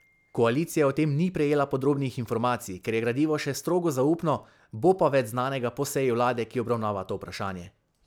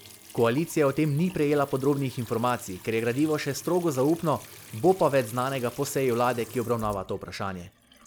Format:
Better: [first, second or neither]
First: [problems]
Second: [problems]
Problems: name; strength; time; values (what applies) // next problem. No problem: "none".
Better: first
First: none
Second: background sound (Trickle, dribble / Sink (filling or washing) / Water tap, faucet); 20 dB below the speech